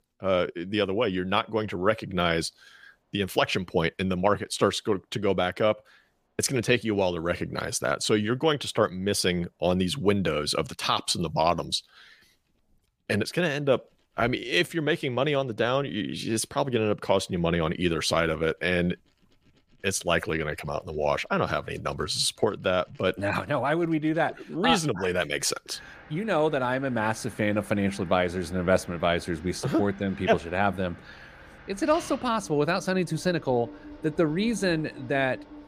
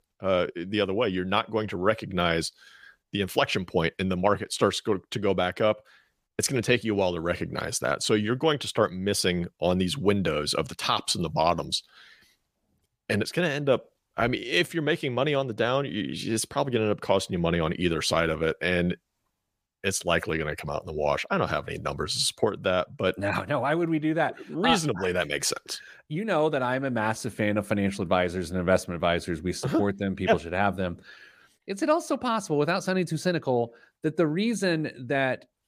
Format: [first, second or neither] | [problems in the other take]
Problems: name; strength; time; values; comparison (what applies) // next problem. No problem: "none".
second | machinery noise; faint; throughout; 20 dB below the speech